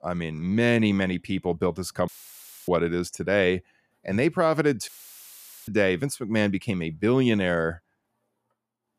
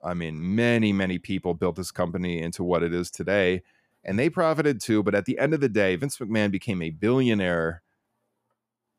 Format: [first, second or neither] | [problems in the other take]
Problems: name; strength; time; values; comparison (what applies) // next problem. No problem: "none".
second | audio cutting out; filled with static; at 2 s for 0.5 s and at 5 s for 1 s